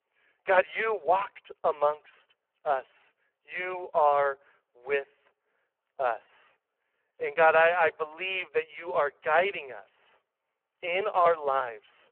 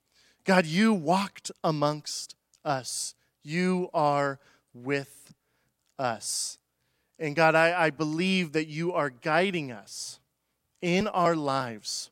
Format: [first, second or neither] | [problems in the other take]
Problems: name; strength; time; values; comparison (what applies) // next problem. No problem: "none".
second | phone-call audio; poor line